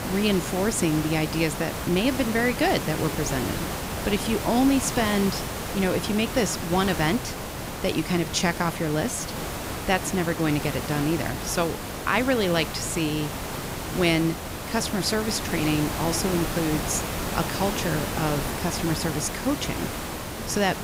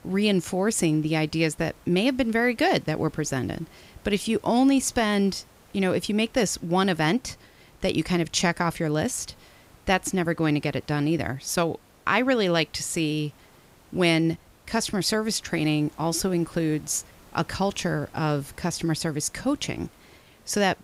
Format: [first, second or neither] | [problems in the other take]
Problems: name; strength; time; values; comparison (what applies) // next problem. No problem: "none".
second | hiss; loud; throughout; 5 dB below the speech; faint in the second